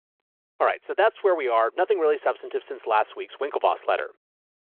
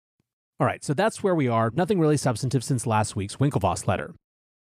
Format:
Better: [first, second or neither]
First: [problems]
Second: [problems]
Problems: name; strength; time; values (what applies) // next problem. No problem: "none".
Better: second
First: phone-call audio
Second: none